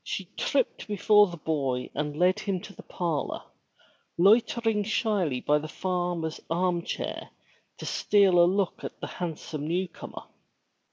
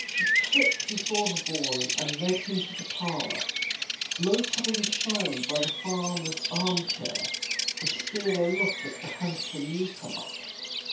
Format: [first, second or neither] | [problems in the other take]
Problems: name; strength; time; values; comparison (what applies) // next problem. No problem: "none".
first | background sound (Bird vocalization, bird call, bird song); 1 dB above the speech // room echo; dies away in 0.3 s